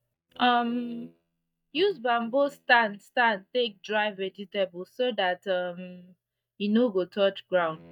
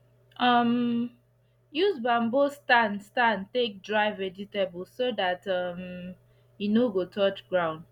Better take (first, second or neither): second